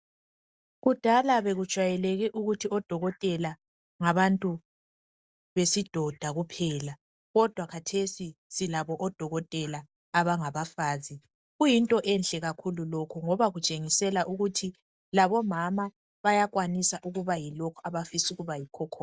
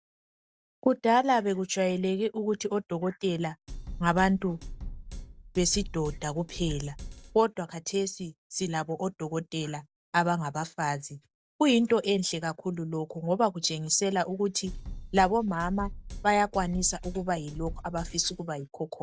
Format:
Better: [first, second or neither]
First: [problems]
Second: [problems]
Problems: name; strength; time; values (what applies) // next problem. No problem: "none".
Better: first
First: none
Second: background sound (Drum kit); 10 dB below the speech